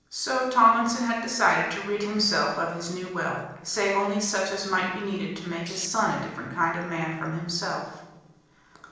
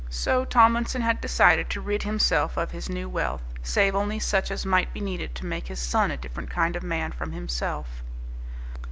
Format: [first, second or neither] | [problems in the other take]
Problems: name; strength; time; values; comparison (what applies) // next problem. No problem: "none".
second | noise reduction (neural separator model SepFormer DNS4)